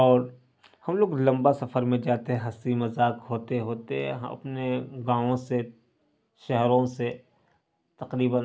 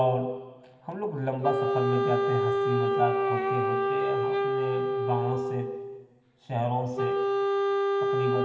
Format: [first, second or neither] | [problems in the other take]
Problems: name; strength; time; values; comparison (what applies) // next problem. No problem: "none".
first | background sound (Wind instrument, woodwind instrument); 4 dB above the speech // room echo; dies away in 2.1 s